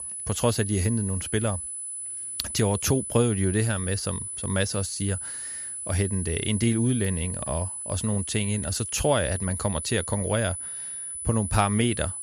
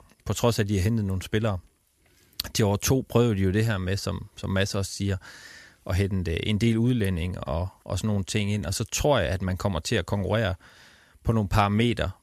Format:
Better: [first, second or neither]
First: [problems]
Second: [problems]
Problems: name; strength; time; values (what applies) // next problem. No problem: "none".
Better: second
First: high-pitched whine; loud; throughout; 10 kHz, 5 dB below the speech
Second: none